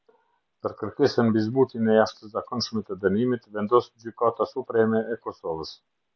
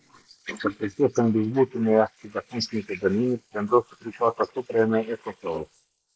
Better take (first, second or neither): first